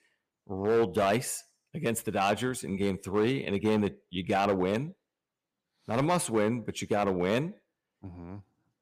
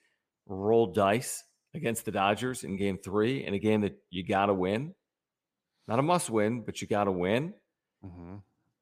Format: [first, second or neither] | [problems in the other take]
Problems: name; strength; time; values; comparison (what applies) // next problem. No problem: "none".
second | distortion; slight; 3% of the sound clipped